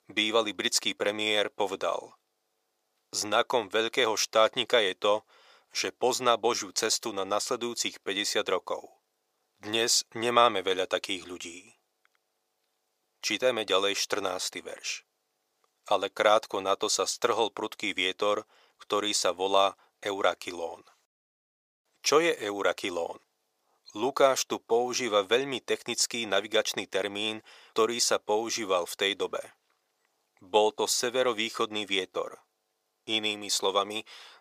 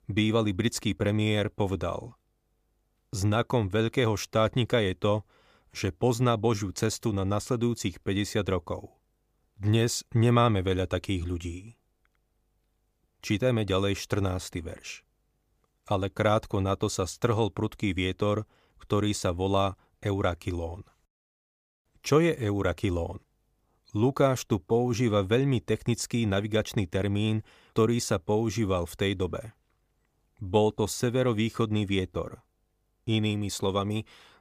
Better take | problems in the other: second | thin; very; fading below 600 Hz

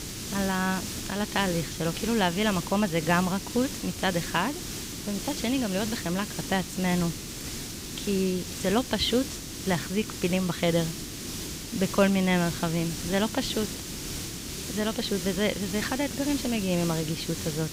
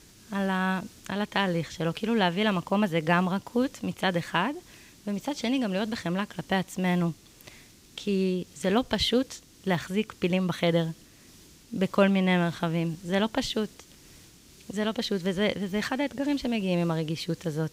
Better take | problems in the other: second | hiss; loud; throughout; 6 dB below the speech; faint in the second

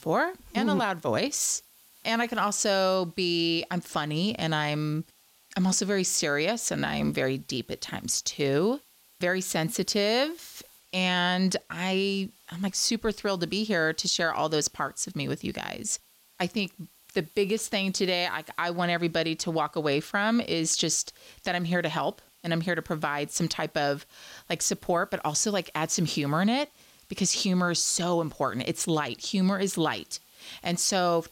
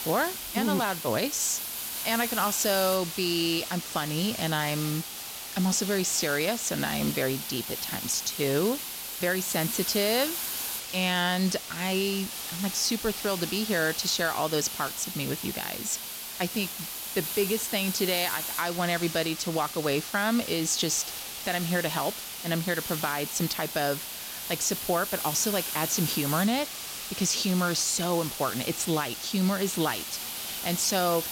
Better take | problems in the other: first | hiss; loud; throughout; 5 dB below the speech; faint in the first

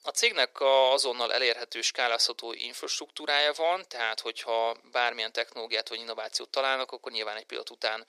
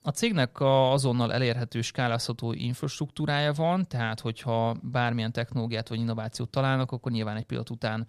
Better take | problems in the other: second | thin; very; fading below 400 Hz

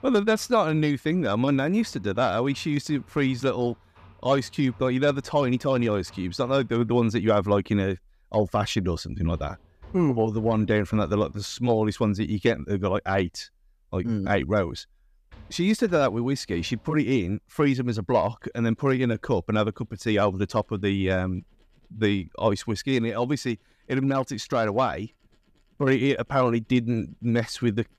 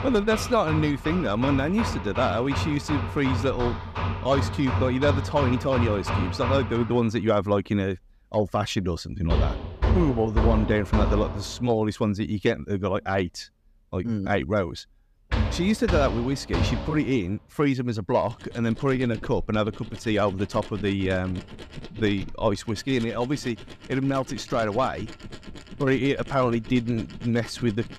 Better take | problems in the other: first | machinery noise; loud; throughout; 5 dB below the speech; faint in the first

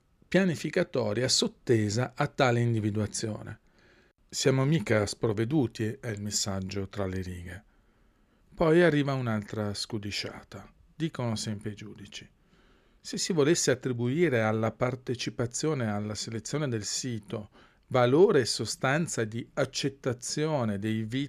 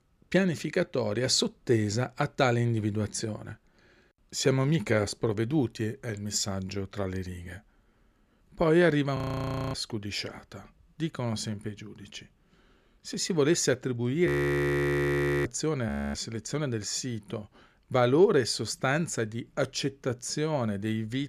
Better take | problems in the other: first | audio freezing; at 9 s for 0.5 s, at 14 s for 1 s and at 16 s

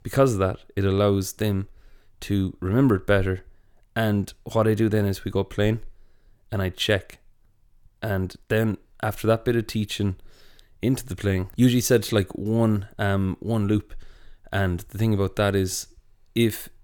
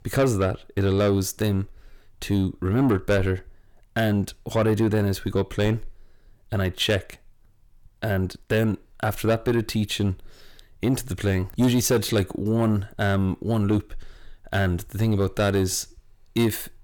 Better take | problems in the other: first | distortion; slight; 10 dB below the speech

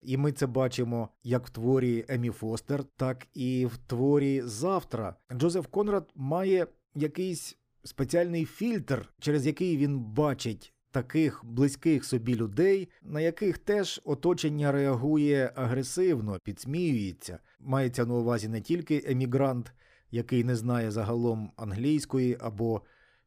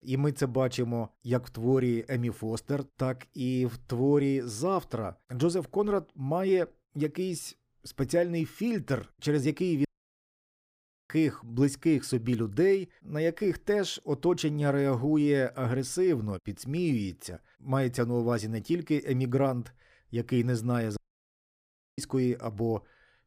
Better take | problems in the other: first | audio cutting out; at 10 s for 1.5 s and at 21 s for 1 s

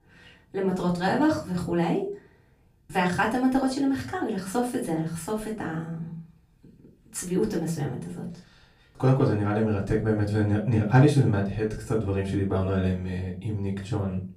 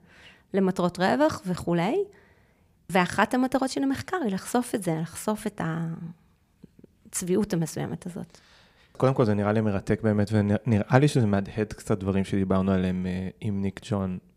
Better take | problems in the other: second | off-mic speech; far // room echo; slight; dies away in 0.3 s

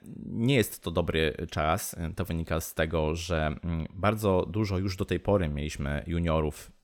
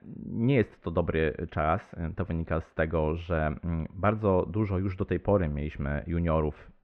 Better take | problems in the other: first | muffled; very; fading above 2 kHz

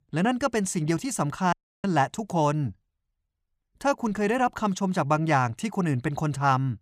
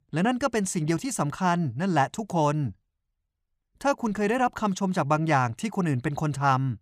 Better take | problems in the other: second | audio cutting out; at 1.5 s

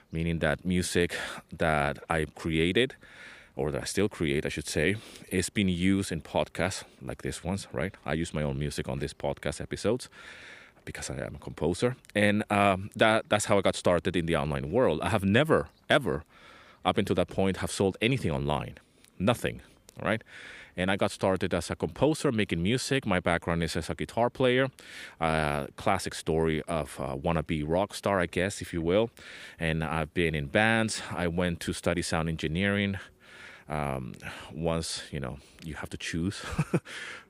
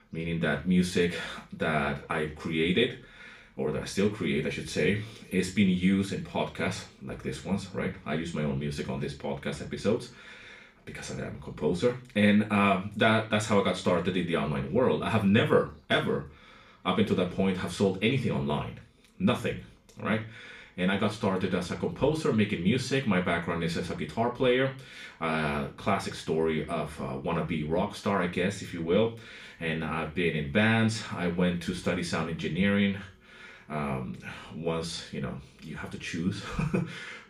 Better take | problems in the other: first | room echo; slight; dies away in 0.3 s // off-mic speech; far

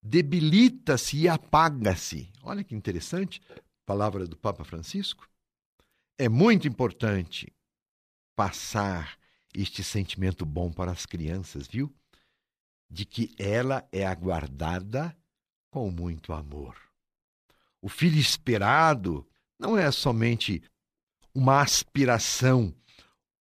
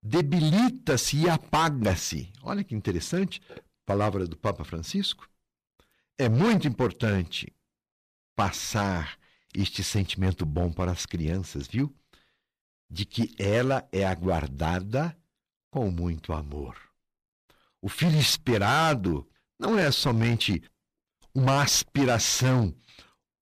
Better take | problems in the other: first | distortion; heavy; 7% of the sound clipped

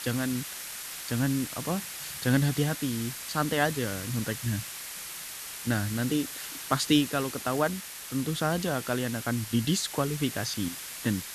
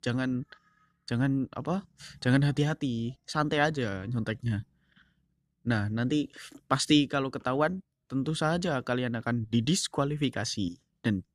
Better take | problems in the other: second | hiss; loud; throughout; 7 dB below the speech

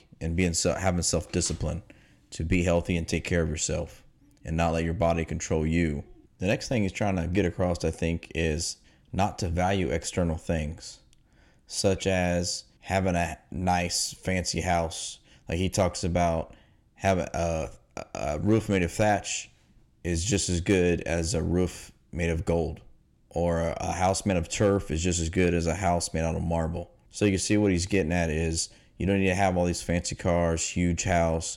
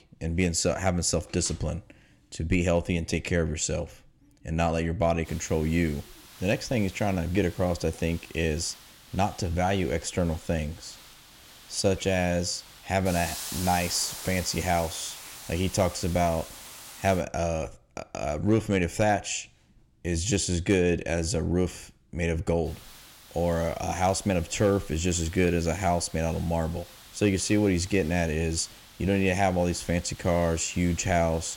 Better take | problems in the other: first | hiss; noticeable; from 5.5 to 17 s and from 23 s on; 15 dB below the speech

